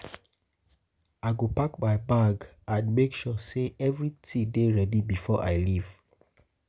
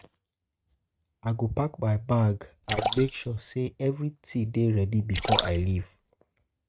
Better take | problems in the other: first | noise reduction (neural mask model RNNoise)

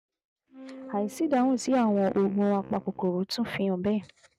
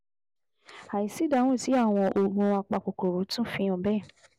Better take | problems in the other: second | noise reduction (neural mask model RNNoise)

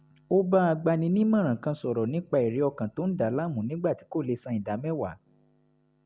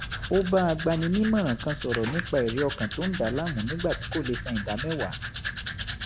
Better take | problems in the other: first | background sound (Domestic sounds, home sounds); 7 dB below the speech

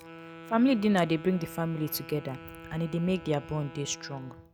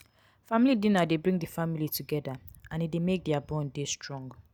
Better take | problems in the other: second | background sound (Wind instrument, woodwind instrument); 16 dB below the speech

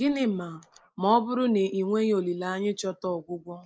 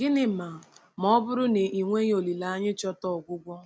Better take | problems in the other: second | noise reduction (neural mask model Resemble Enhance denoiser)

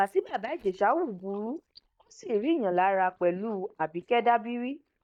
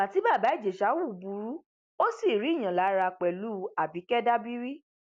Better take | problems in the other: second | noise reduction (neural mask model DeepFilterNet 3)

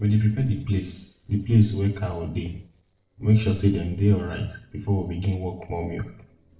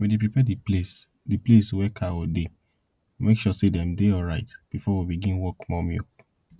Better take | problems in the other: second | noise reduction (neural separator model SepFormer DNS4)

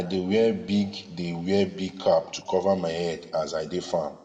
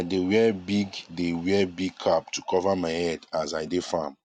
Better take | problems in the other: second | room echo; dies away in 1.2 s

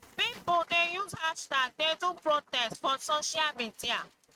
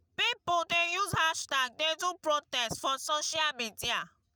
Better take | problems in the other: second | noise reduction (neural mask model RNNoise)

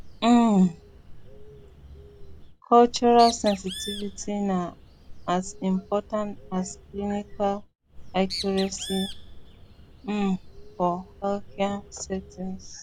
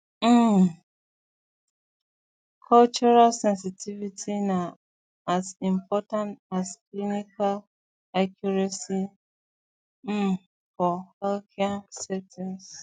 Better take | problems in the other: second | background sound (Bird); 14 dB below the speech

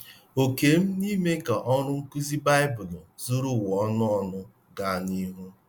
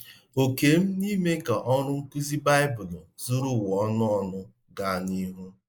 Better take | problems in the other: first | noise reduction (neural mask model Resemble Enhance denoiser)

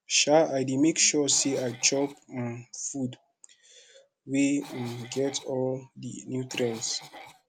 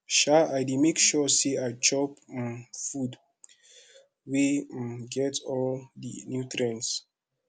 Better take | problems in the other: second | background sound (Cough); 18 dB below the speech

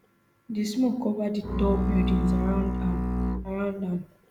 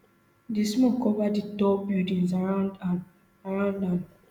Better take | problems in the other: second | background sound (Bowed string instrument); 2 dB above the speech

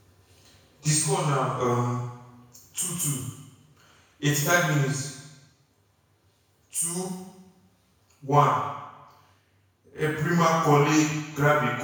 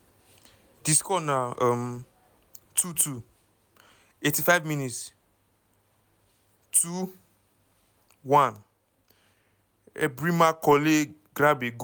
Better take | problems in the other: second | room echo; dies away in 1 s

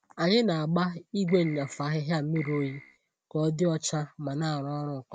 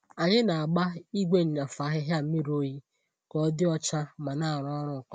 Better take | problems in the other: second | background sound (Keyboard (musical)); 16 dB below the speech

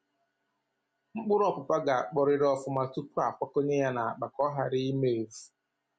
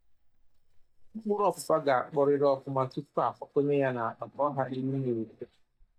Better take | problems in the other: first | noise reduction (neural mask model DeepFilterNet 3)

